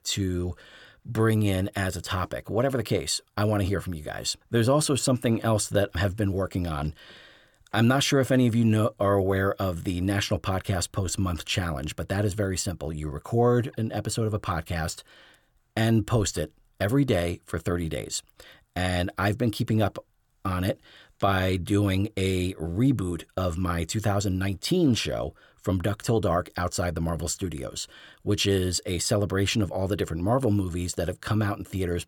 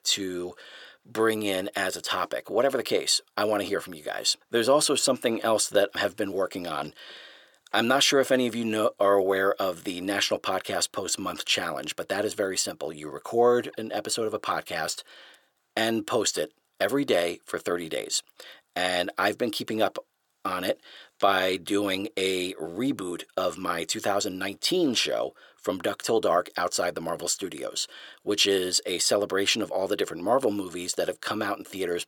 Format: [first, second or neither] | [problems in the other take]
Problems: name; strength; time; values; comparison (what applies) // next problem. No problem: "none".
first | thin; somewhat; fading below 400 Hz